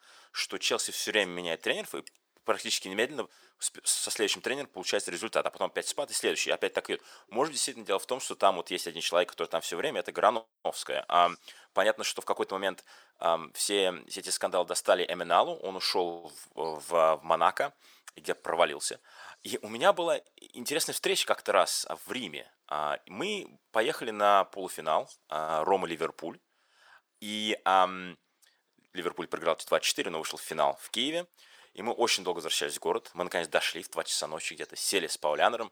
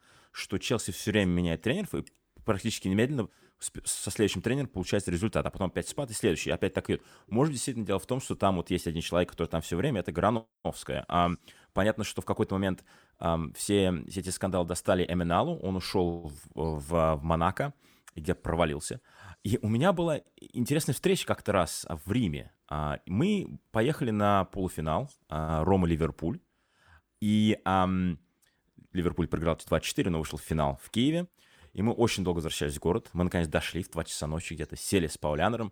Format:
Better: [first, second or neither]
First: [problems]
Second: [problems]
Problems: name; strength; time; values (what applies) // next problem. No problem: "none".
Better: second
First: thin; very; fading below 600 Hz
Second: none